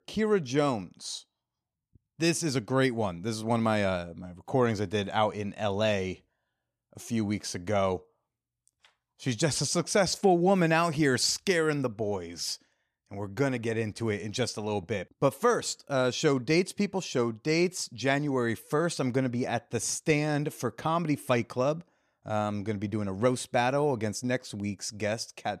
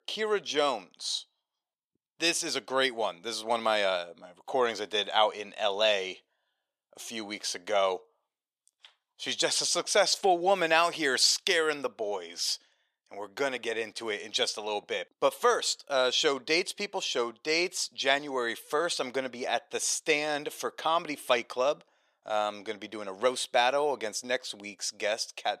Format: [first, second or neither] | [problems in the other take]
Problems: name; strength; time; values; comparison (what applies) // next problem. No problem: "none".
first | thin; very; fading below 550 Hz